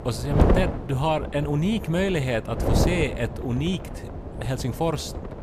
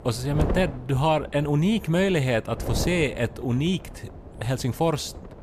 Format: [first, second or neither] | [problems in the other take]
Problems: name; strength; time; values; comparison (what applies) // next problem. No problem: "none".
second | wind noise on the microphone; heavy; 4 dB below the speech; occasional gusts in the second